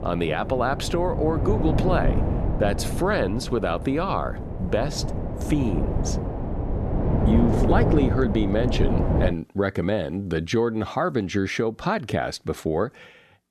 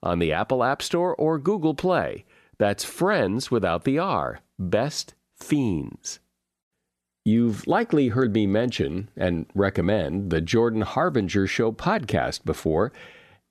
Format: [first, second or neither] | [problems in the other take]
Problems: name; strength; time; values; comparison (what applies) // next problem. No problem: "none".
second | wind noise on the microphone; heavy; until 9.5 s; 6 dB below the speech